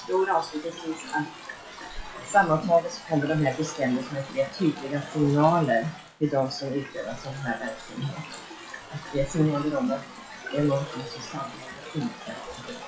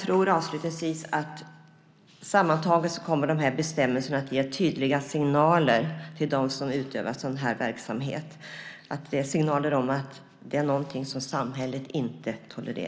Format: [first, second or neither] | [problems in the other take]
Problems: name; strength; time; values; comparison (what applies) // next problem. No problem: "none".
second | noise reduction (classical method WPE with log-MMSE)